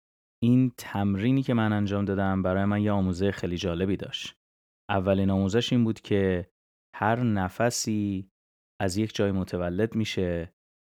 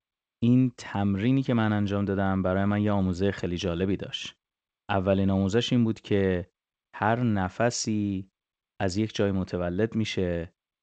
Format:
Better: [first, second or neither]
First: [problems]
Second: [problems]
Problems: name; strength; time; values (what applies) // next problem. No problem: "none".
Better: first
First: none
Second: garbled, watery; slightly; nothing above 7.5 kHz